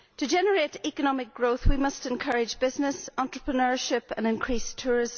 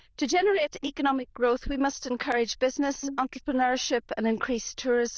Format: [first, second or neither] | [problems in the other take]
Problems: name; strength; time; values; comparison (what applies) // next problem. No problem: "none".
first | noise reduction (neural diffusion model UNIVERSE++)